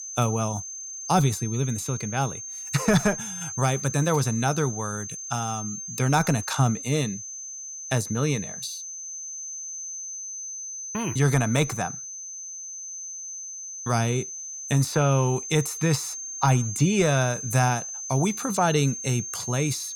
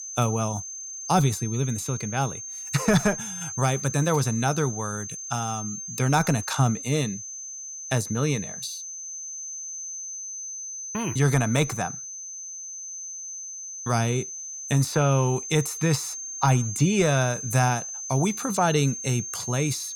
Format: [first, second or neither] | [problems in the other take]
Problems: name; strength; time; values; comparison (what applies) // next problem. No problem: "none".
neither | high-pitched whine; loud; throughout; 6 kHz, 8 dB below the speech; the same in both